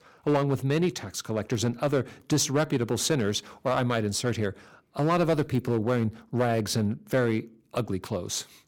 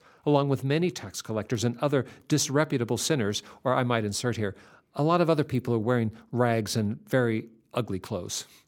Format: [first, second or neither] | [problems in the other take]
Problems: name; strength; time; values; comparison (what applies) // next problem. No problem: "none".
second | distortion; slight; 3% of the sound clipped